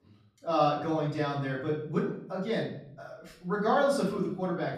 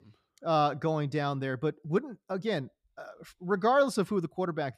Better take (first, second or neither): second